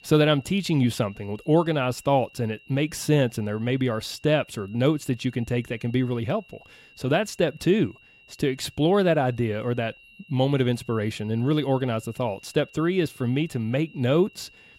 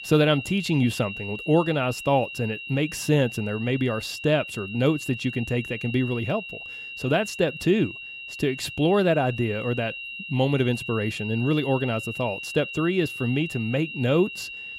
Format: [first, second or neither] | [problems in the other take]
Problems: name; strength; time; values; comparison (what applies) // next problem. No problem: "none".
first | high-pitched whine; loud; throughout; 3 kHz, 9 dB below the speech; faint in the first